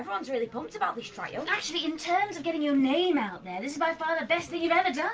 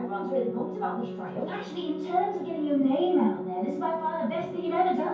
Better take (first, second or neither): first